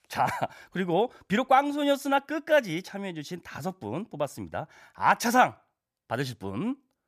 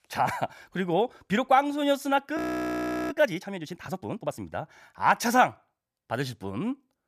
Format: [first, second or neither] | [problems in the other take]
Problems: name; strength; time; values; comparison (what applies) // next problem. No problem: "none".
first | audio freezing; at 2.5 s for 0.5 s